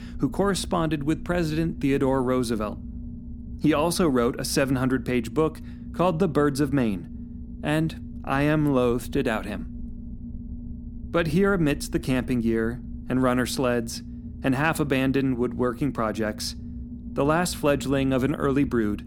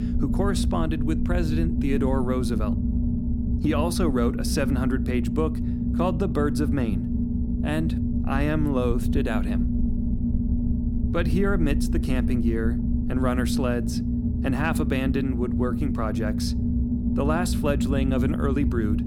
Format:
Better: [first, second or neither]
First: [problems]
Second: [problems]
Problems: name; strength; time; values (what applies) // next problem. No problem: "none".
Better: first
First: low rumble; faint; throughout; 20 dB below the speech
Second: low rumble; loud; throughout; 4 dB below the speech